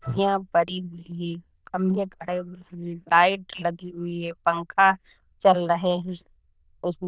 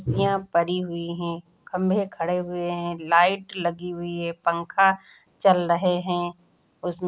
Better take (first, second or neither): second